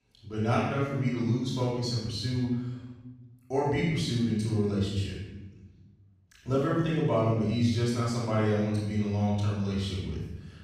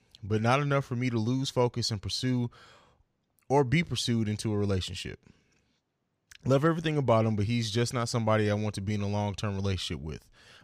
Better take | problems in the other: second | room echo; strong; dies away in 1.1 s // off-mic speech; far

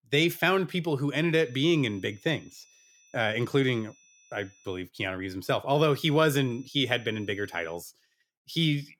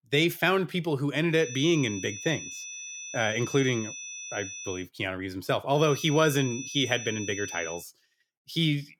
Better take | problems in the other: first | high-pitched whine; loud; from 1.5 to 5 s and from 6 to 8 s; 6 kHz, 10 dB below the speech; faint in the first

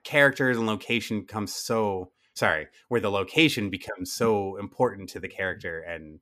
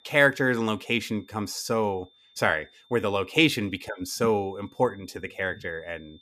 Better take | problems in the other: first | high-pitched whine; faint; throughout; 3.5 kHz, 30 dB below the speech

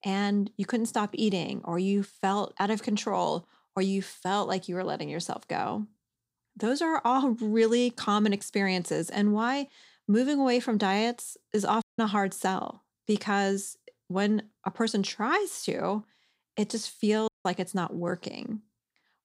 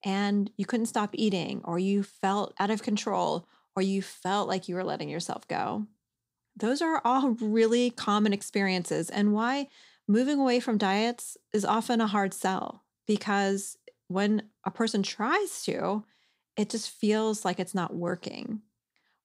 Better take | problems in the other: second | audio cutting out; at 12 s and at 17 s

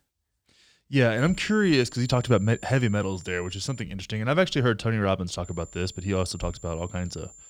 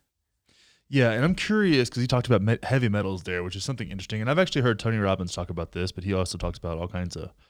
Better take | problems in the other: second | high-pitched whine; faint; from 1 to 4 s and from 5.5 s on; 7 kHz, 20 dB below the speech

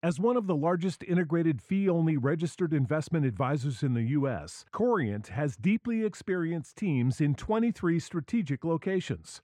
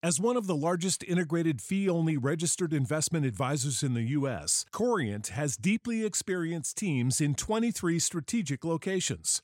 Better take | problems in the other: second | muffled; very; fading above 4 kHz

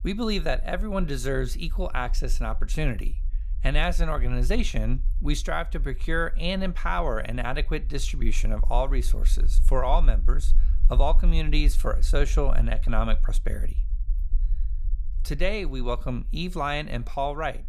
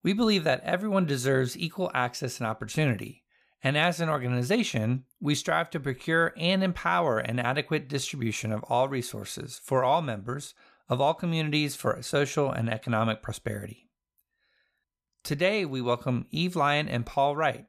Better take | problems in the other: second | low rumble; faint; throughout; 25 dB below the speech

